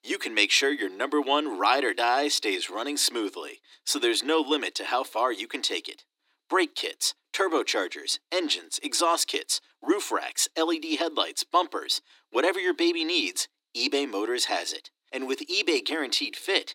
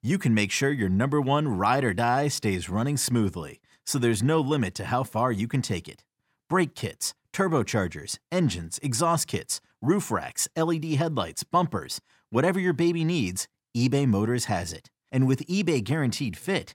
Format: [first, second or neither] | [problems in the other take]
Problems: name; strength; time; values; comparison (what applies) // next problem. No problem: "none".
second | thin; somewhat; fading below 300 Hz